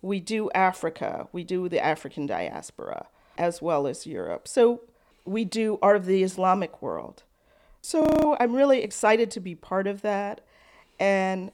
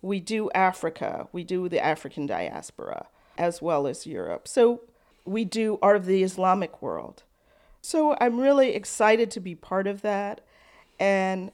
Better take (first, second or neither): second